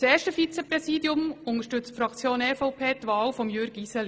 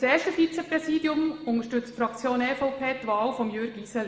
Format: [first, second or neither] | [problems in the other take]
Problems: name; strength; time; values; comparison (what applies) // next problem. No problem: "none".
first | room echo; dies away in 1.3 s